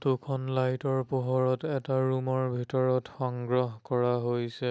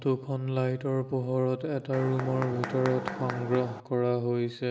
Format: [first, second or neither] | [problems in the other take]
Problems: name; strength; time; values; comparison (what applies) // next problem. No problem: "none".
first | background sound (Mechanisms); 8 dB below the speech // room echo; dies away in 2.1 s